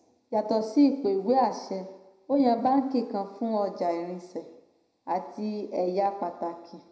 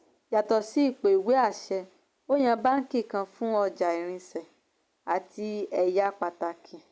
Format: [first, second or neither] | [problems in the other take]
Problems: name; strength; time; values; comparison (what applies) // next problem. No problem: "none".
second | room echo; dies away in 0.7 s